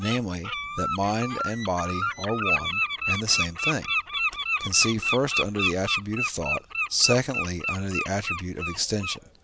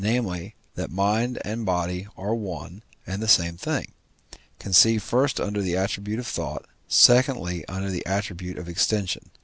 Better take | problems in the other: second | background sound (Bird); 1 dB below the speech

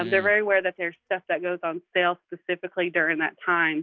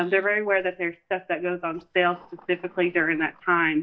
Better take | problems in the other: first | noise reduction (neural mask model DeepFilterNet 3)

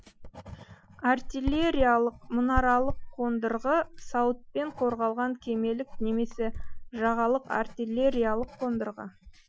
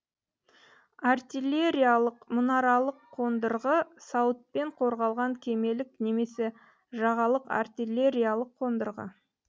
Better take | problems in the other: second | noise reduction (classical method Wiener filter)

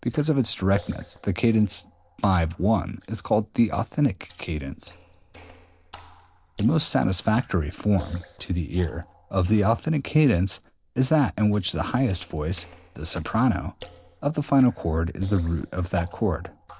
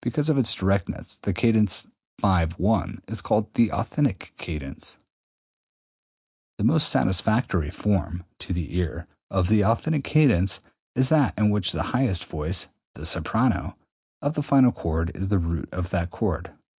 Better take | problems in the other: second | noise reduction (neural separator model SepFormer DNS4)

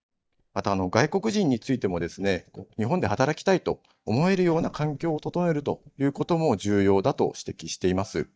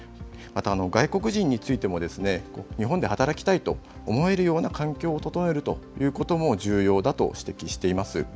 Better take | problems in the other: second | noise reduction (neural mask model DeepFilterNet 3)

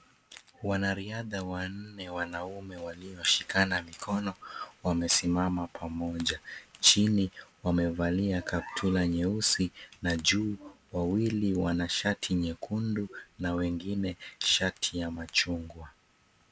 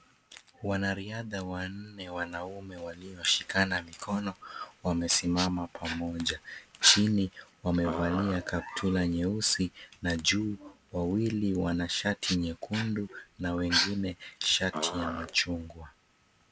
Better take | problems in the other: first | background sound (Dog); 5 dB below the speech

